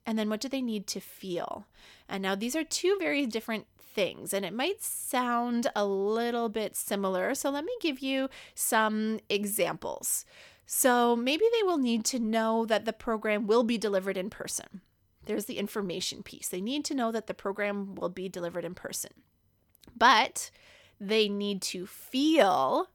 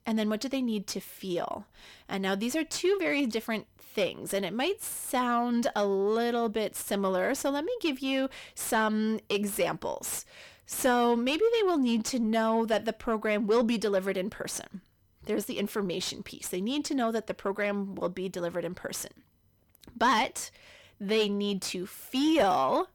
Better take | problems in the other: first | distortion; slight; 10 dB below the speech

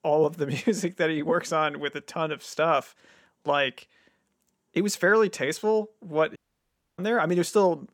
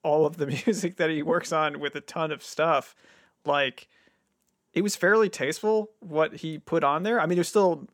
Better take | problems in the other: second | audio cutting out; at 6.5 s for 0.5 s

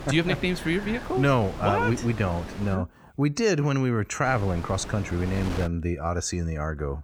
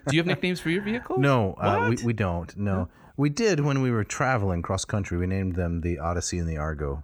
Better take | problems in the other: second | wind noise on the microphone; occasional gusts; until 3 s and from 4.5 to 5.5 s; 10 dB below the speech

